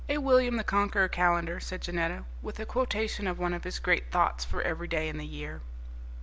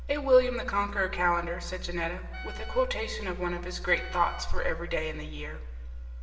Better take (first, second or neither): first